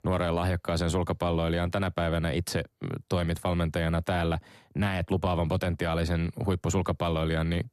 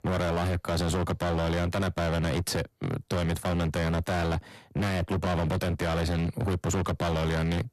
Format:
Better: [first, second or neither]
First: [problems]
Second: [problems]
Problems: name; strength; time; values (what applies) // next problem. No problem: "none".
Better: first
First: none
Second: distortion; heavy; 36% of the sound clipped